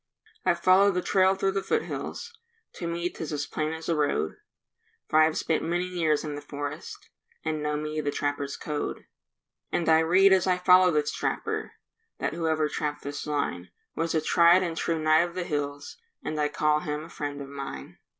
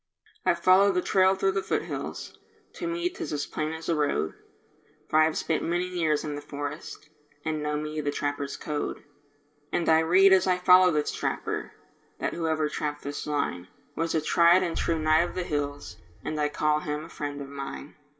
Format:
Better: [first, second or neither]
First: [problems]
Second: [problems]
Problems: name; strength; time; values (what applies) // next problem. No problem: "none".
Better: first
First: none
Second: background sound (Boom); 12 dB below the speech // room echo; dies away in 0.5 s